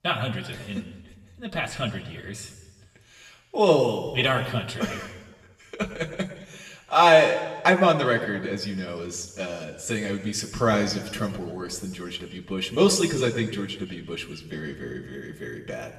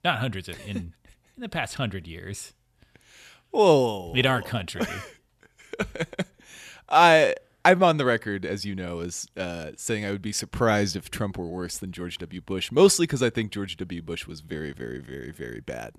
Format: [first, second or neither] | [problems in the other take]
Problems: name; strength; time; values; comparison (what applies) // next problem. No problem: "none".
second | room echo; slight; dies away in 1.2 s // off-mic speech; somewhat distant